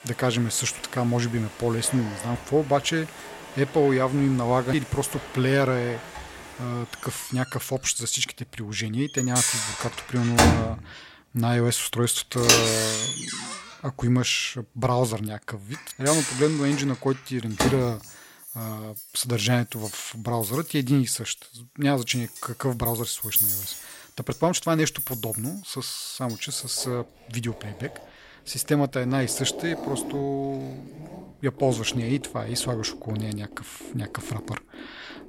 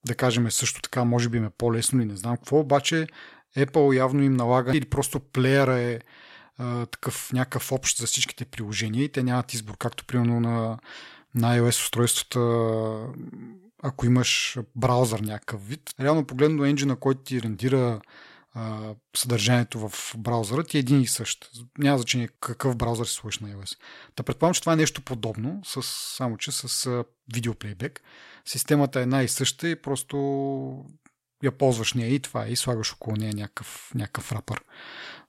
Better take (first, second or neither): second